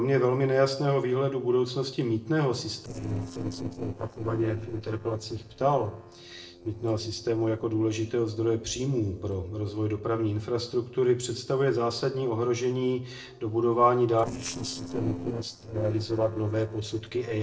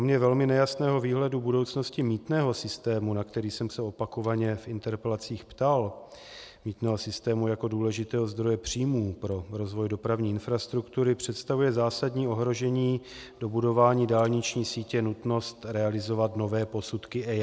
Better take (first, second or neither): second